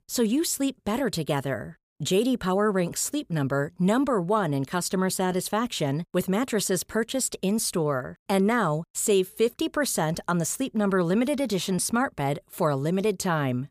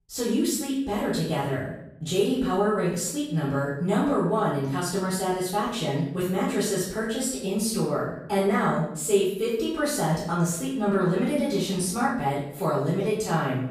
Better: first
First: none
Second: off-mic speech; far // room echo; noticeable; dies away in 0.6 s

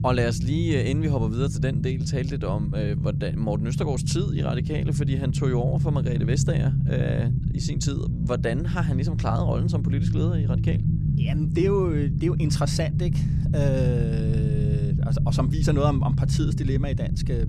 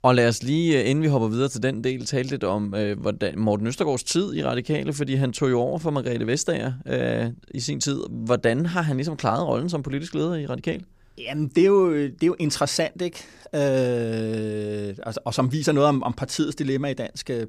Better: second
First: low rumble; loud; throughout; 4 dB below the speech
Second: none

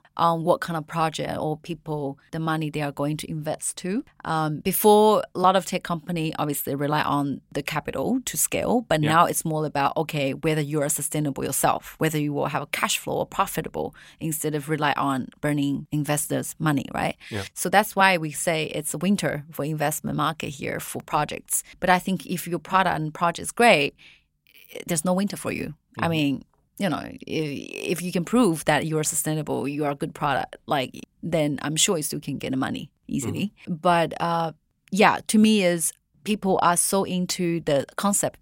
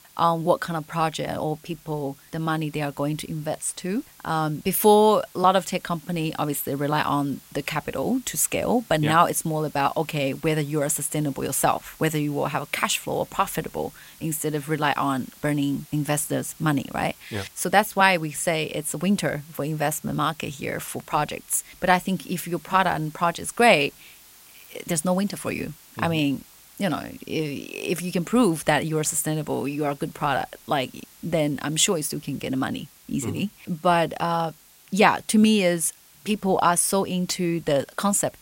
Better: first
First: none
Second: hiss; faint; throughout; 25 dB below the speech

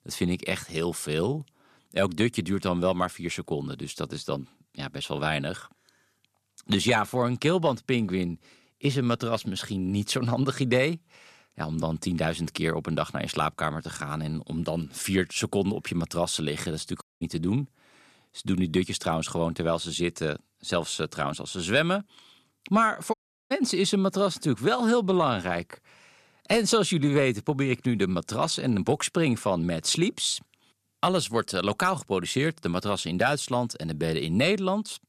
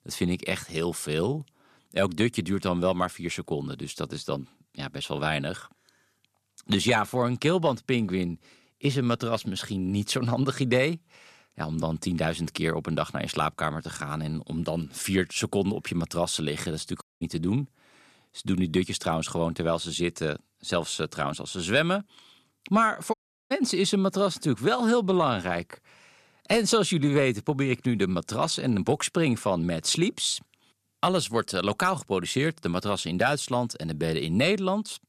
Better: neither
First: audio cutting out; at 17 s and at 23 s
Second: audio cutting out; at 17 s and at 23 s

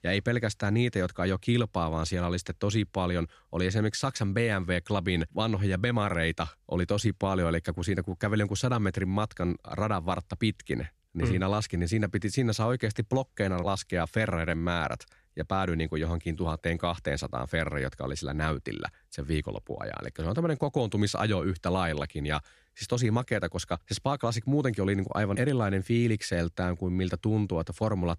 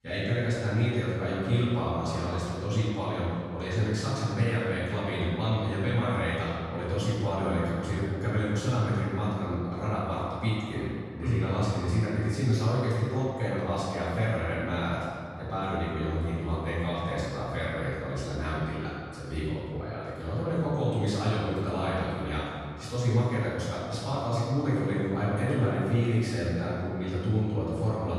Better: first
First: none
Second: off-mic speech; far // room echo; strong; dies away in 2.2 s

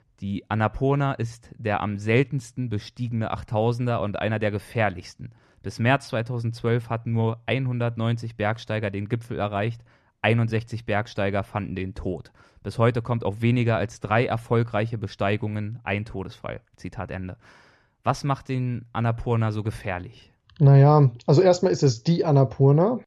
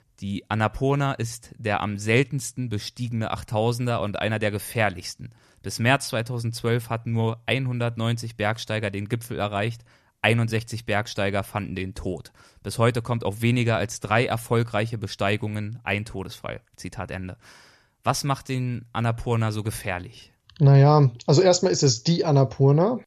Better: second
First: muffled; slightly; fading above 2 kHz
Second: none

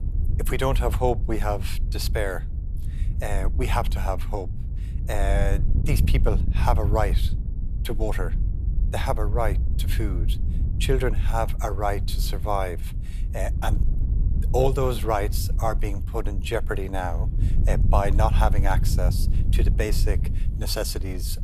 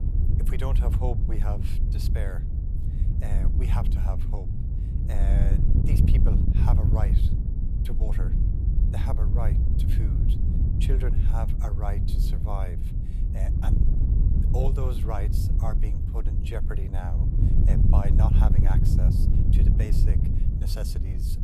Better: first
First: wind noise on the microphone; occasional gusts; 15 dB below the speech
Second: wind noise on the microphone; heavy; 1 dB below the speech

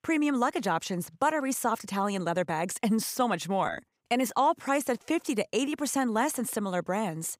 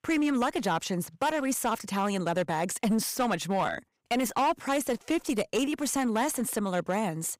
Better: first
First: none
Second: distortion; slight; 8% of the sound clipped

